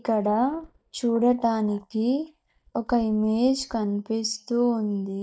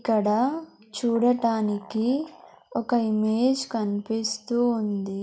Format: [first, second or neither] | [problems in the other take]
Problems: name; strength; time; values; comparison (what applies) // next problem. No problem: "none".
second | noise reduction (neural mask model DeepFilterNet 3)